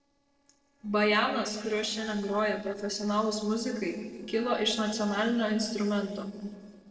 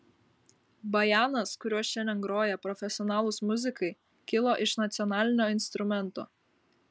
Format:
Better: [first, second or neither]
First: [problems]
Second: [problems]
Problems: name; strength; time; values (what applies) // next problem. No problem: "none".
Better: second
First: noise reduction (neural separator model SepFormer DNS4)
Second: none